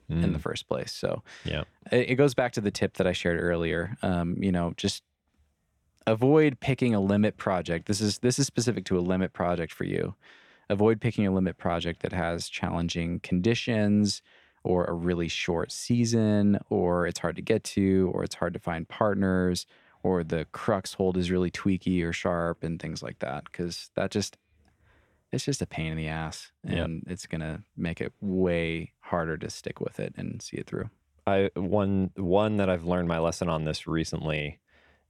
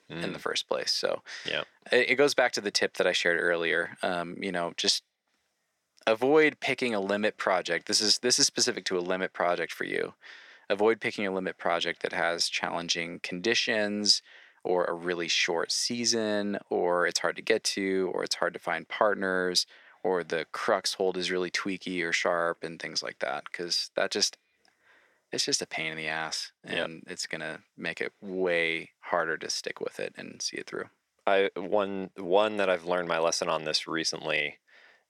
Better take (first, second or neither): first